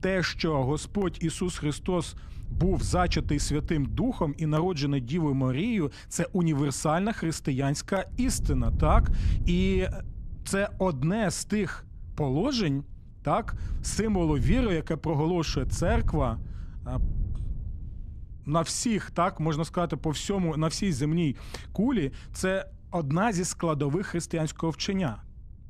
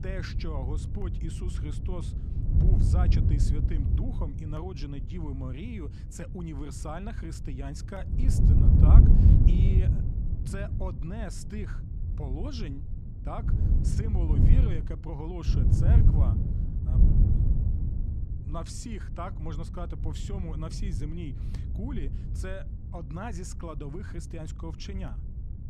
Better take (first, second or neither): first